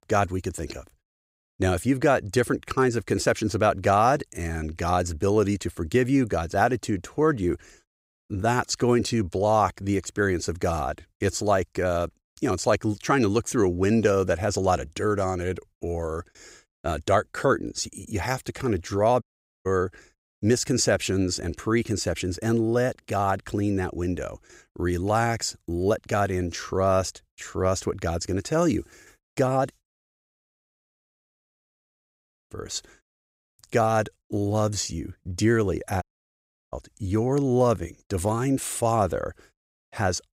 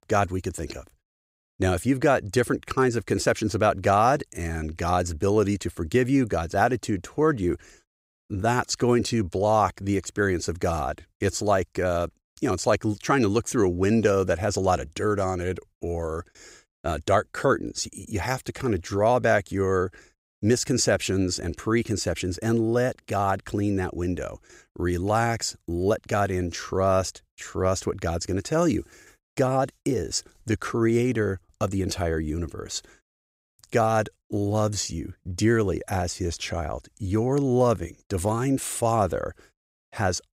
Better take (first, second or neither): second